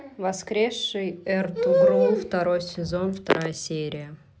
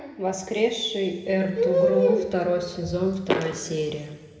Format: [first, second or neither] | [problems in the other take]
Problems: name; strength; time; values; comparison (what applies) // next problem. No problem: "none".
first | room echo; dies away in 1.9 s